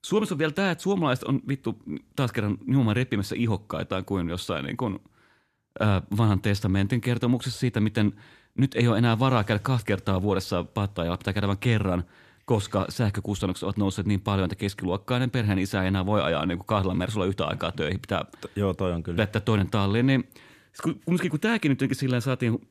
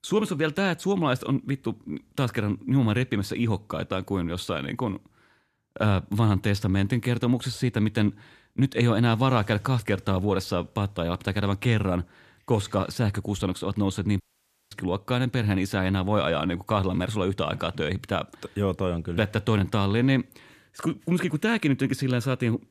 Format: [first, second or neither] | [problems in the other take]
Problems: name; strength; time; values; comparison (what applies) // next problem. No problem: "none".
first | audio cutting out; at 14 s for 0.5 s